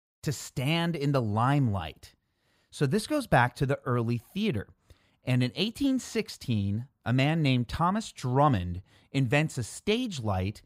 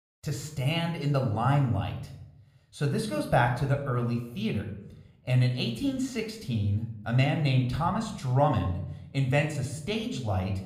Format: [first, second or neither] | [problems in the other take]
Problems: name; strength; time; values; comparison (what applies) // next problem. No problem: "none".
first | room echo; slight; dies away in 0.6 s